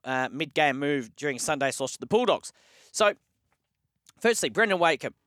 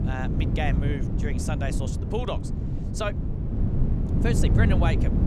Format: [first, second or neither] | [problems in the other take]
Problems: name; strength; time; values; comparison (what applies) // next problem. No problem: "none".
first | wind noise on the microphone; heavy; 4 dB below the speech